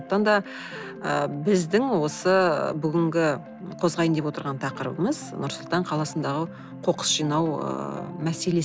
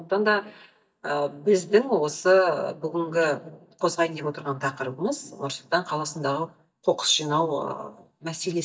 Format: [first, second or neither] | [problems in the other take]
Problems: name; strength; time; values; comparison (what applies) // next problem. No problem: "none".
first | noise reduction (neural mask model DeepFilterNet 3)